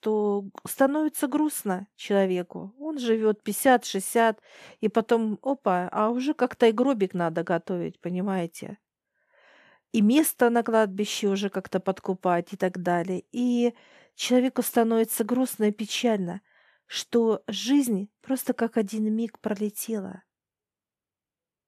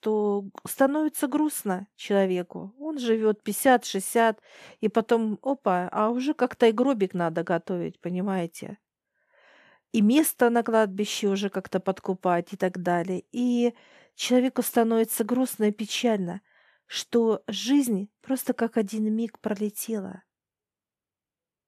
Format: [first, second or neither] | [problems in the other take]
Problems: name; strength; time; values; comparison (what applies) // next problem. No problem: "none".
neither | none